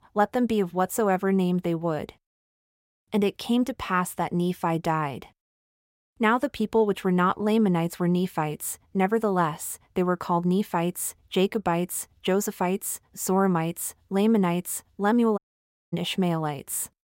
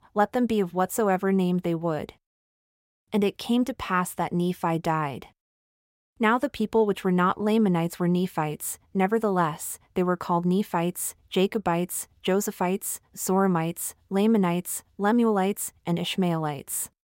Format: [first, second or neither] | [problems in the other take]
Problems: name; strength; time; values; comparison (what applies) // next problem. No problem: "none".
second | audio cutting out; at 15 s for 0.5 s